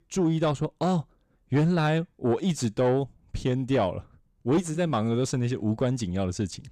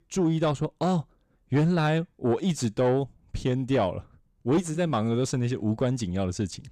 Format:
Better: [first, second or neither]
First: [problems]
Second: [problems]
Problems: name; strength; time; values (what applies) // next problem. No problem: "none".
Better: neither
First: distortion; slight; 10 dB below the speech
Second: distortion; slight; 10 dB below the speech